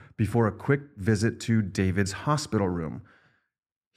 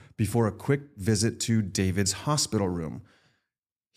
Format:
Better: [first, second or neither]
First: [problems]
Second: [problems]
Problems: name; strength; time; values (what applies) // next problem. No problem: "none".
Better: second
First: muffled; slightly; fading above 3.5 kHz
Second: none